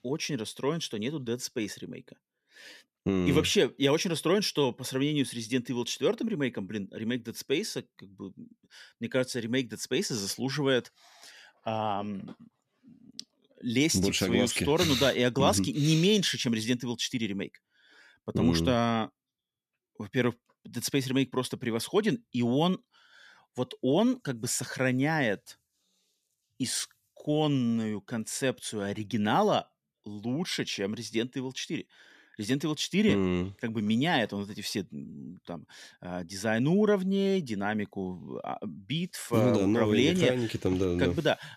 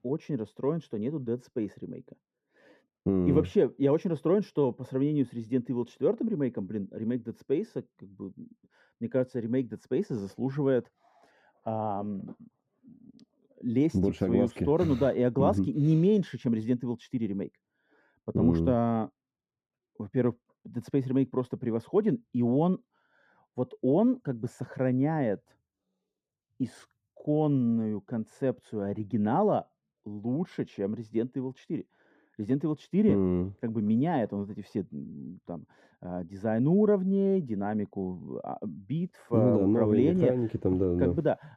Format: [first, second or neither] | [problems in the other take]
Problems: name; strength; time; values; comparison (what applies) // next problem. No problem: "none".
first | muffled; very; fading above 1.5 kHz